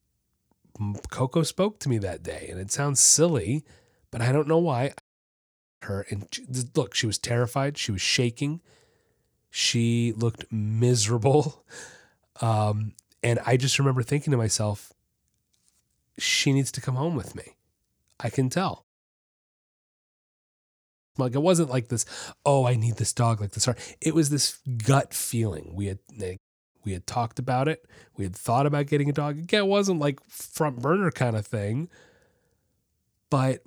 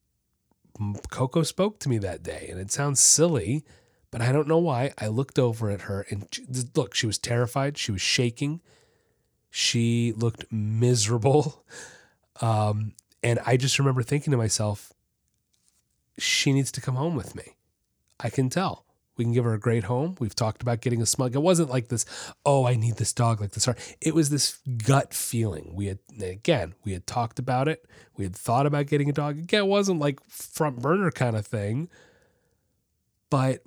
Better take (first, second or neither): second